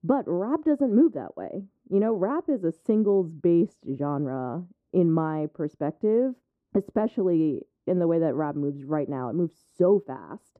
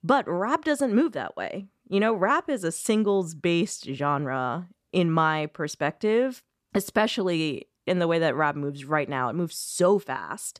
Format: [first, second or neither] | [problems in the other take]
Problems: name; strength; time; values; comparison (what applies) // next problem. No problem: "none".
second | muffled; very; fading above 1.5 kHz